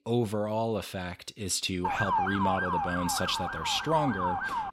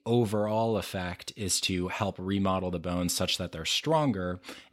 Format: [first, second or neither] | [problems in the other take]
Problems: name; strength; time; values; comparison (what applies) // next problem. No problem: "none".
second | siren; loud; from 2 s on; peak 3 dB above the speech